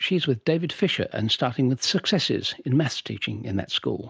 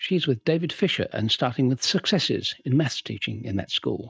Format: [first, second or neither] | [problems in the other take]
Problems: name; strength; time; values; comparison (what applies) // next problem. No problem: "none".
first | noise reduction (neural mask model DeepFilterNet 3)